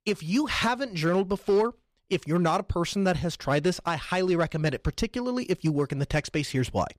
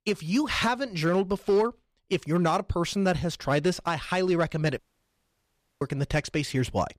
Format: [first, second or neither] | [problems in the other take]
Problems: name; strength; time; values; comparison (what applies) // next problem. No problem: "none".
first | audio cutting out; at 5 s for 1 s